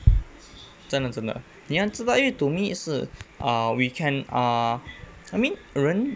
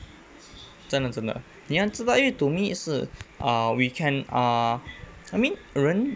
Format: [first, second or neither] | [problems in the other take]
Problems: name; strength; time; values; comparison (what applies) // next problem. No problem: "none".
second | background sound (Bass drum); 1 dB below the speech